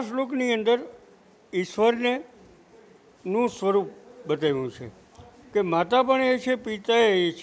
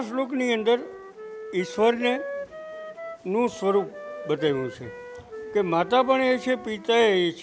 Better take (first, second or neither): first